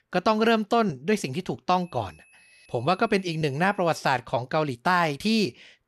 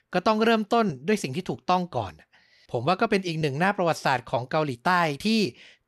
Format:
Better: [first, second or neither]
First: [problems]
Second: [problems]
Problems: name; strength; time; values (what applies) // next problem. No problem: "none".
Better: second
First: high-pitched whine; faint; from 2 to 4 s; 2.5 kHz, 30 dB below the speech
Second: none